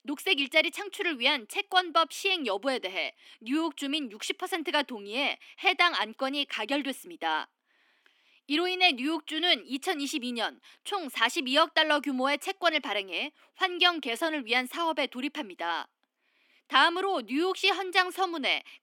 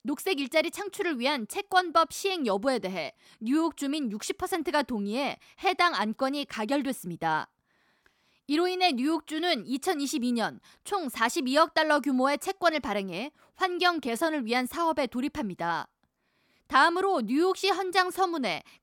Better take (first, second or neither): second